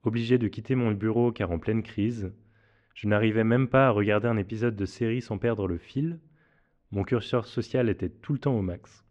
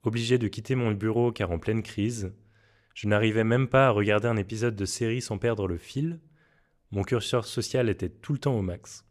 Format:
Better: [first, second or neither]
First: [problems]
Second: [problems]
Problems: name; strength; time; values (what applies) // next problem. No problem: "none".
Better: second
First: muffled; slightly; fading above 3 kHz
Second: none